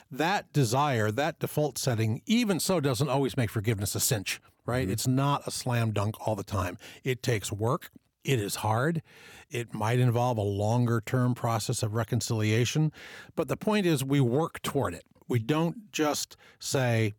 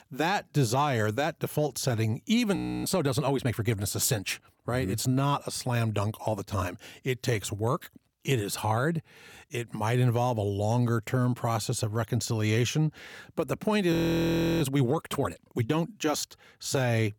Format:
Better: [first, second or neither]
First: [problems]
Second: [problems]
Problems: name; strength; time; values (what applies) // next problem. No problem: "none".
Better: first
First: none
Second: audio freezing; at 2.5 s and at 14 s for 0.5 s